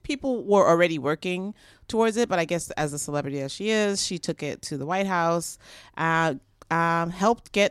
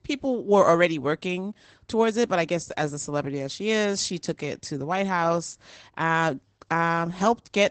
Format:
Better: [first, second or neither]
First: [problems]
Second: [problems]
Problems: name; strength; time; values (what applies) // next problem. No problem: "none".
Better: first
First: none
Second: garbled, watery; badly; nothing above 8 kHz